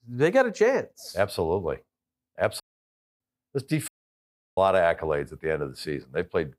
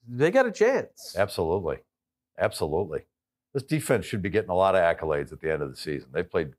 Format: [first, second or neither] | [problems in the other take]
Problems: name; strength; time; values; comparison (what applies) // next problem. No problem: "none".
second | audio cutting out; at 2.5 s for 0.5 s and at 4 s for 0.5 s